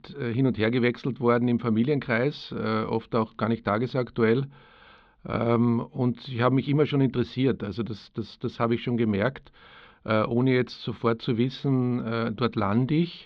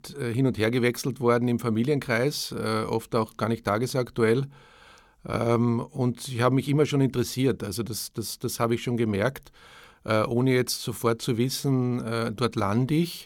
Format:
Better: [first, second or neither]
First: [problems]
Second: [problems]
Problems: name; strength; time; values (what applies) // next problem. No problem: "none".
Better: second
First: muffled; slightly; fading above 4 kHz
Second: none